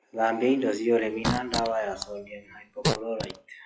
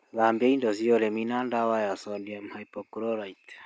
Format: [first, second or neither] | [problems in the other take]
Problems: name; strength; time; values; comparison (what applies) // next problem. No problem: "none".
second | noise reduction (classical method WPE with log-MMSE)